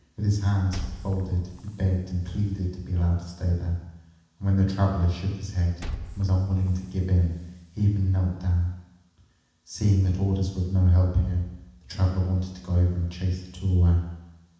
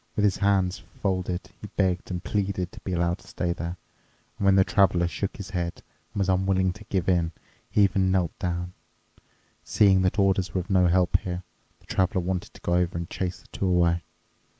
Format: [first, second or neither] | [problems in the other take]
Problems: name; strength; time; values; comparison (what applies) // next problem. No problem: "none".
second | background sound (Liquid); 16 dB below the speech // room echo; dies away in 1.1 s